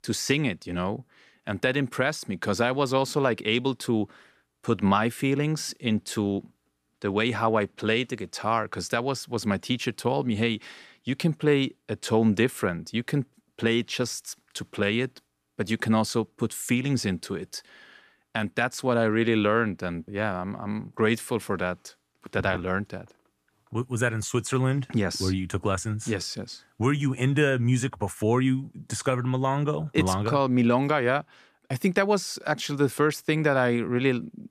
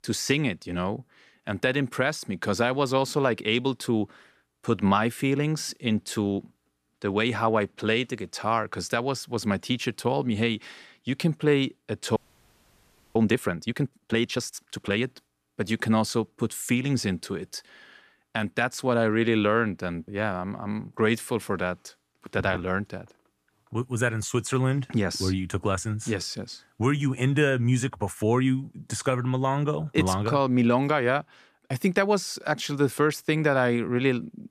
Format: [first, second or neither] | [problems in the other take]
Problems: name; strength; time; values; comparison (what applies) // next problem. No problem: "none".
first | audio freezing; at 12 s for 1 s